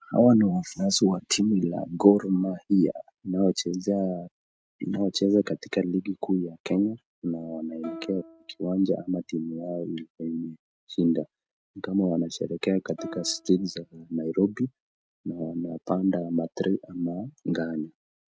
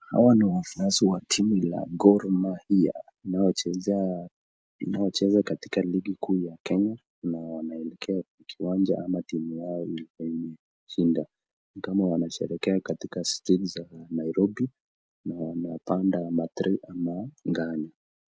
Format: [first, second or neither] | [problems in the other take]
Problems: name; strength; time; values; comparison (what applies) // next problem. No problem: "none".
second | noise reduction (neural mask model RNNoise)